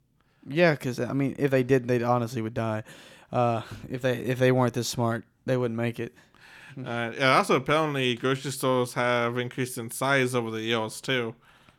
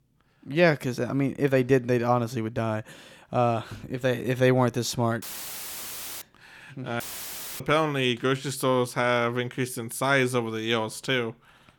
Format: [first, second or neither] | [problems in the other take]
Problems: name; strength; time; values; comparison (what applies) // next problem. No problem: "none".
first | audio cutting out; filled with static; at 5 s for 1 s and at 7 s for 0.5 s